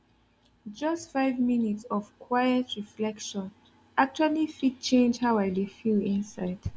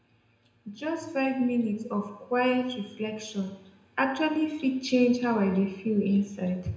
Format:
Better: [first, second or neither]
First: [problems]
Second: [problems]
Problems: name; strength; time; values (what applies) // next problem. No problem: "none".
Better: first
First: none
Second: room echo; dies away in 0.8 s